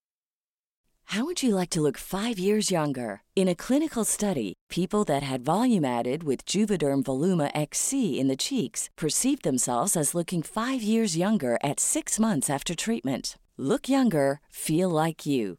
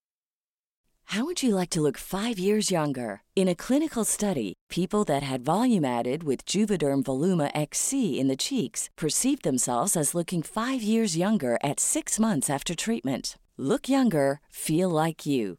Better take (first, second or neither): neither